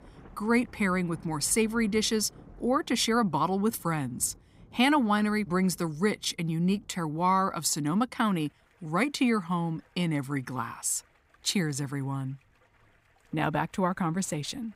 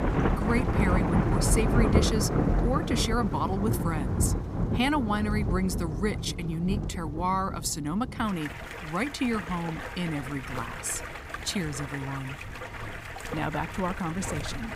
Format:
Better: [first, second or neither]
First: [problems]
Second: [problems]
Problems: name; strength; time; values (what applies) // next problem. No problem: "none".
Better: first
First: rain or running water; faint; throughout; 30 dB below the speech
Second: rain or running water; loud; throughout; as loud as the speech